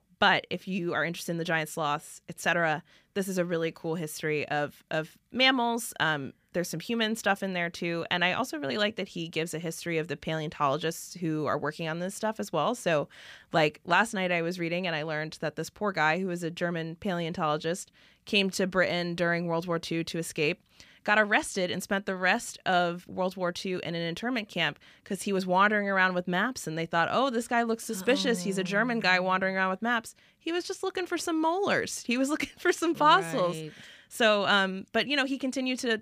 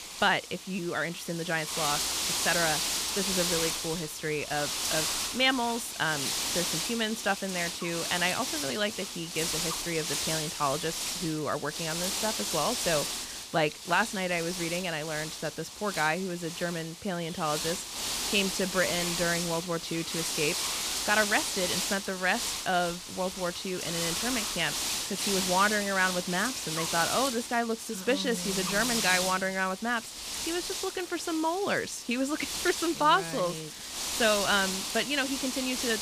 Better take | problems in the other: first | wind noise on the microphone; heavy; 3 dB below the speech

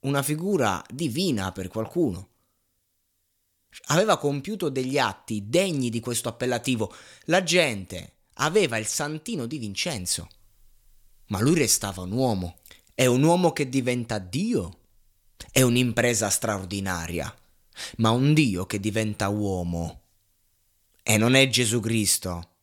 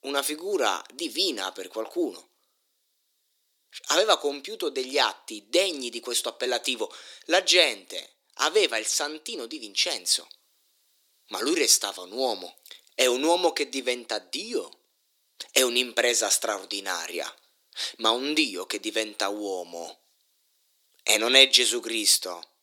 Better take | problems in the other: first | thin; very; fading below 300 Hz

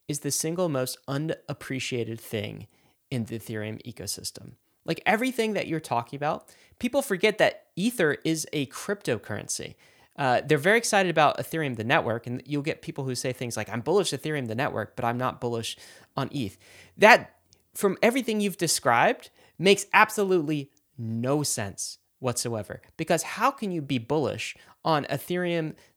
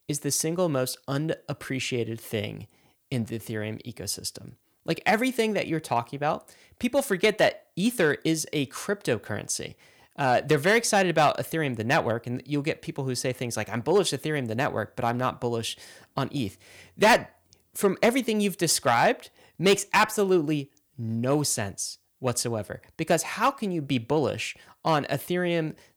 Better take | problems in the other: first | distortion; slight; 1.3% of the sound clipped

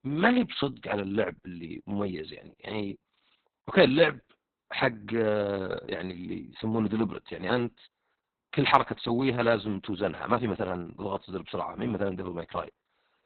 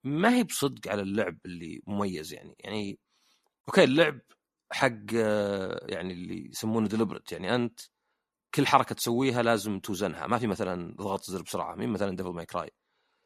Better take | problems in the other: second | garbled, watery; badly; nothing above 4 kHz

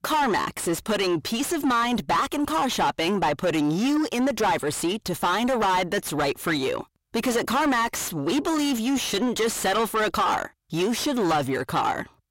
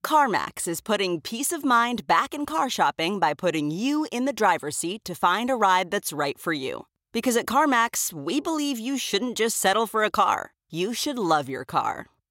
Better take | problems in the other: second | distortion; heavy; 5 dB below the speech

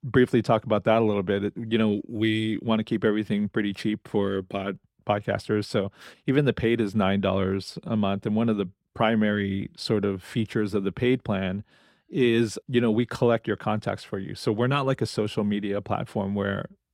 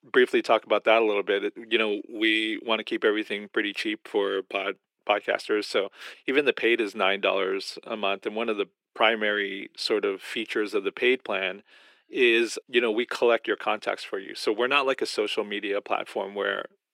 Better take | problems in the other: first | thin; somewhat; fading below 350 Hz

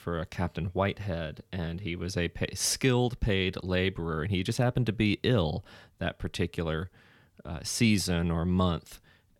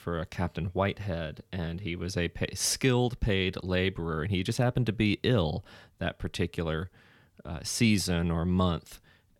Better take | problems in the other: neither | none

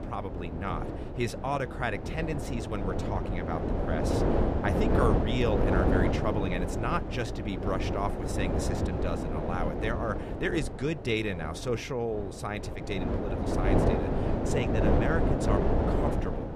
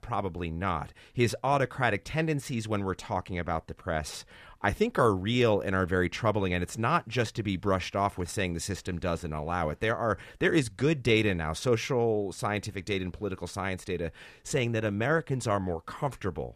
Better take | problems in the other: second | wind noise on the microphone; heavy; as loud as the speech

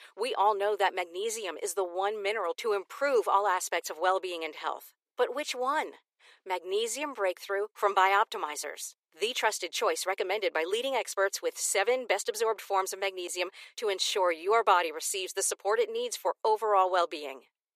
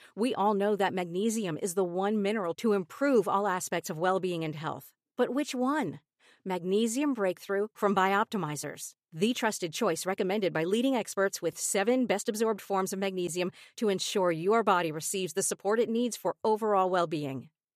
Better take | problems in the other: second | thin; very; fading below 400 Hz

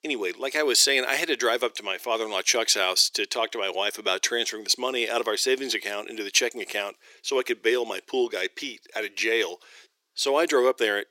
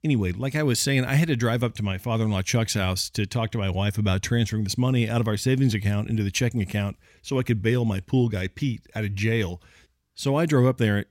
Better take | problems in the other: second | thin; very; fading below 350 Hz

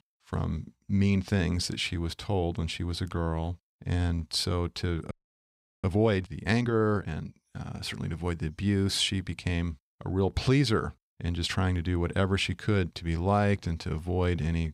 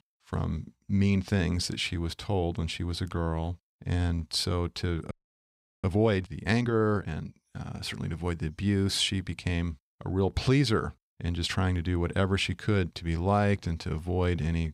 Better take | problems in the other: neither | audio freezing; at 5 s for 0.5 s; the same in both

